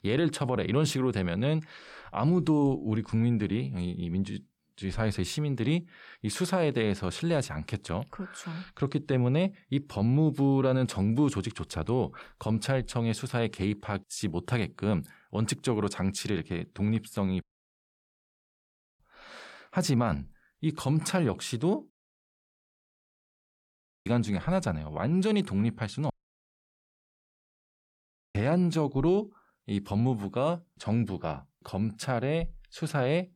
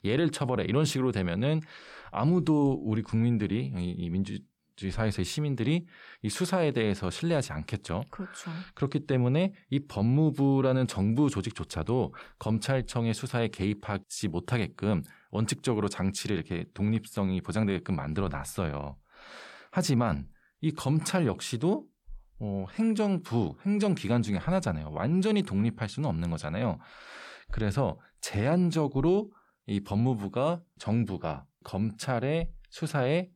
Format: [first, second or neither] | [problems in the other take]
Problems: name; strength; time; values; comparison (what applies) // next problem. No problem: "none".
second | audio cutting out; at 17 s for 1.5 s, at 22 s for 2 s and at 26 s for 2.5 s